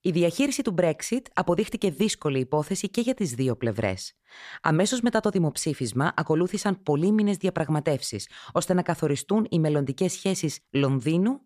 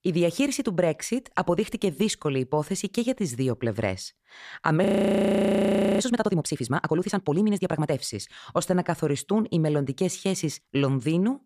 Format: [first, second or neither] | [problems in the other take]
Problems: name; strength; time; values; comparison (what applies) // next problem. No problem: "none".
first | audio freezing; at 5 s for 1 s